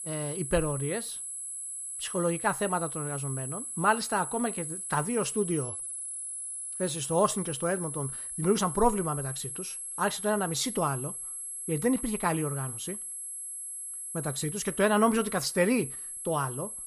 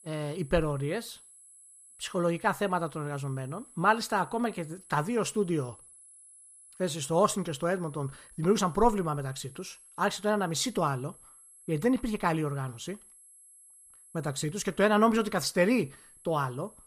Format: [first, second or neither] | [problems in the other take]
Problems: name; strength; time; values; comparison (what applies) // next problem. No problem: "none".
second | high-pitched whine; loud; throughout; 11 kHz, 5 dB below the speech; faint in the second